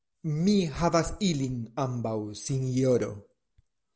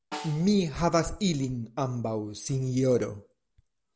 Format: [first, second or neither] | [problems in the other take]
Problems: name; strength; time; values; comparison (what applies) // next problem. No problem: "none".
first | background sound (Snare drum); 18 dB below the speech